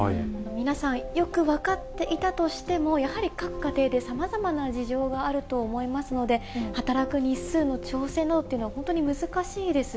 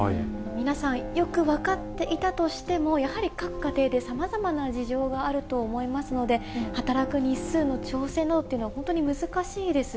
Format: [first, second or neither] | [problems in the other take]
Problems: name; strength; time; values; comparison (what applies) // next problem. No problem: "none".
first | background sound (Bowed string instrument); 16 dB below the speech